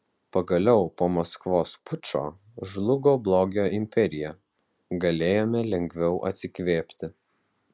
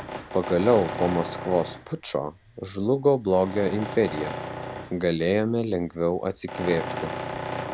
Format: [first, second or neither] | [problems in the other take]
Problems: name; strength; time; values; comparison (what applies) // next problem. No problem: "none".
first | background sound (Tools); 10 dB below the speech